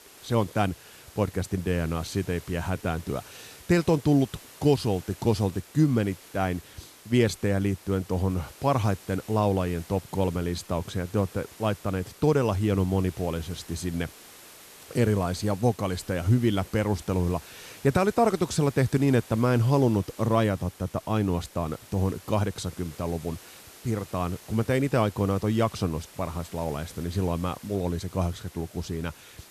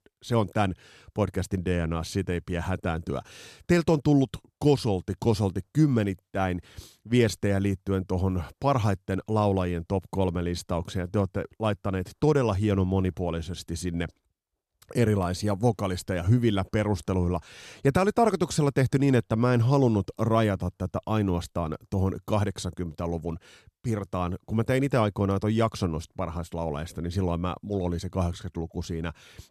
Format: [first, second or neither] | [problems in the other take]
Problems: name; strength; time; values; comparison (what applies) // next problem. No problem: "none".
second | hiss; noticeable; throughout; 20 dB below the speech